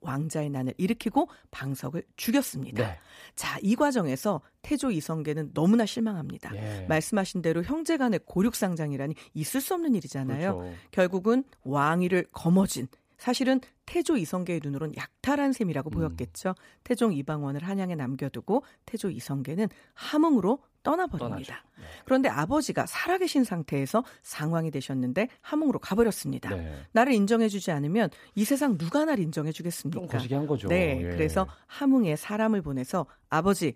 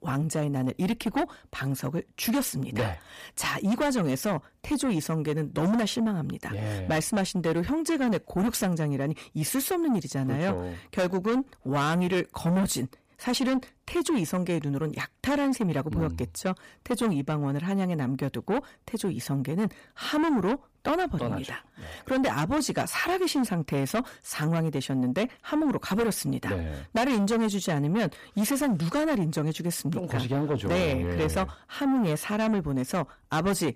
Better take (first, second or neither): first